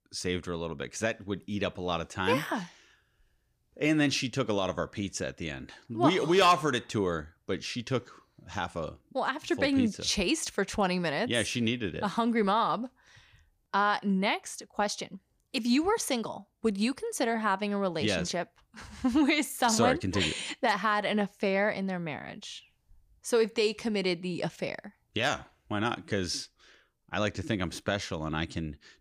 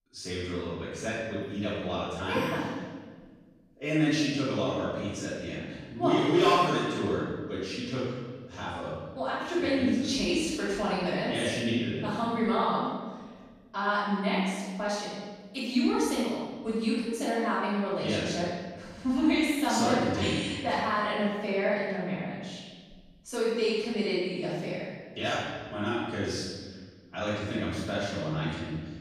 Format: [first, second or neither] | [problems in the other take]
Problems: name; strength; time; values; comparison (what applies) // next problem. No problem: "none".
first | room echo; strong; dies away in 1.3 s // off-mic speech; far